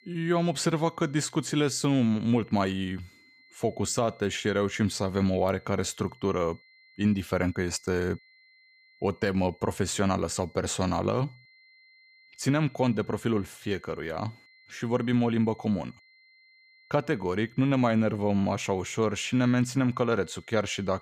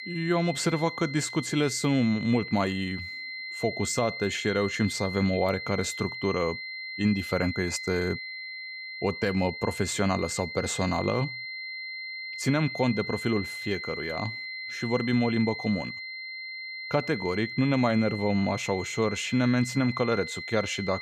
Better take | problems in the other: first | high-pitched whine; loud; throughout; 2 kHz, 7 dB below the speech; faint in the first

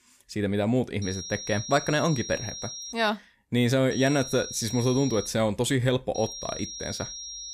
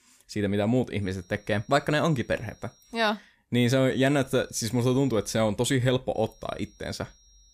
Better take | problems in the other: second | high-pitched whine; loud; from 1 to 3 s, from 4 to 5.5 s and from 6 s on; 5.5 kHz, 9 dB below the speech; faint in the second

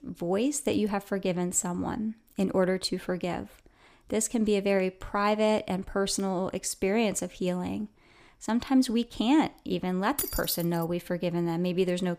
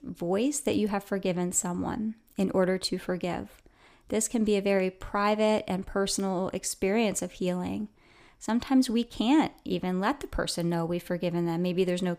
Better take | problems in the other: second | jangling keys; noticeable; at 10 s; peak 2 dB below the speech

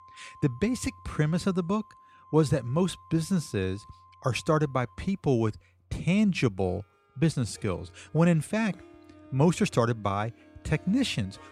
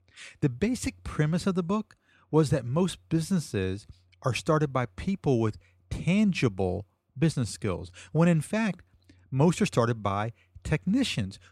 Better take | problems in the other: second | background music; faint; throughout; 25 dB below the speech

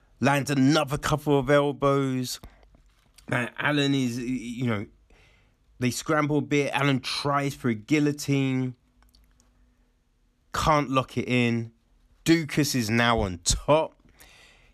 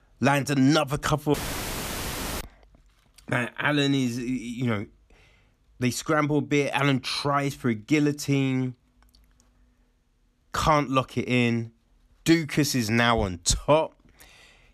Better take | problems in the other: first | audio cutting out; filled with static; at 1.5 s for 1 s

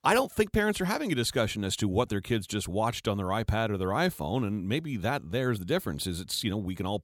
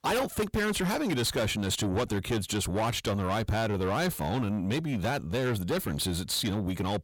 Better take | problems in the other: first | distortion; heavy; 6 dB below the speech

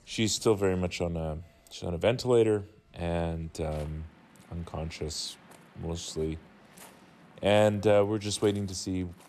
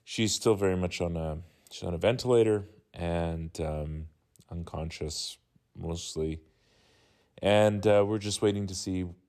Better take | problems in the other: second | rain or running water; faint; throughout; 25 dB below the speech

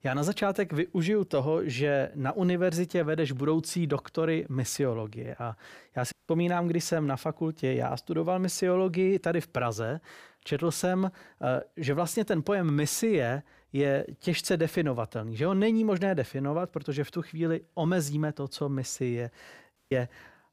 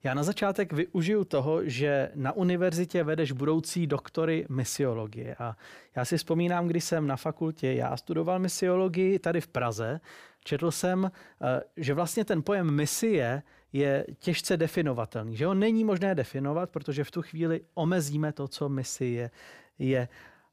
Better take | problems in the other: second | audio cutting out; at 6 s and at 20 s

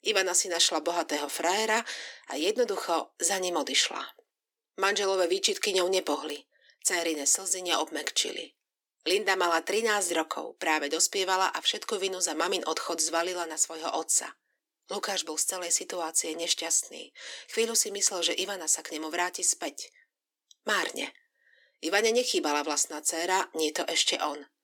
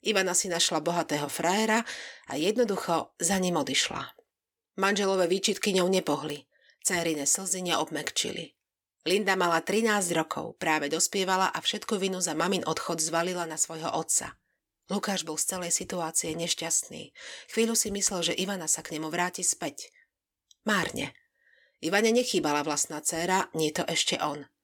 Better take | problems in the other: second | thin; somewhat; fading below 300 Hz

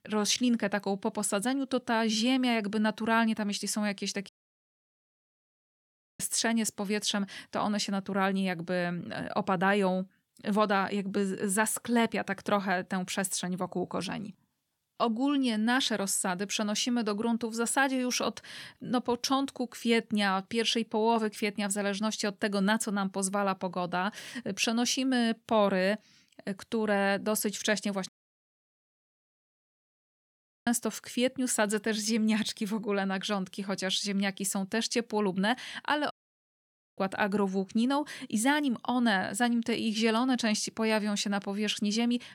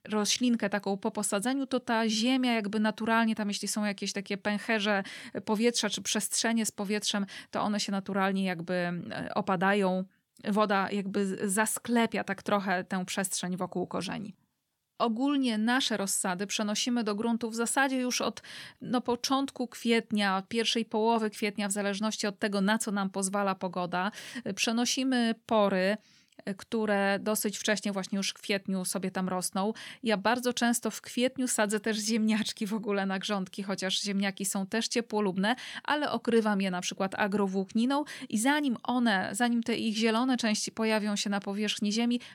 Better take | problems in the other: second | audio cutting out; at 4.5 s for 2 s, at 28 s for 2.5 s and at 36 s for 1 s

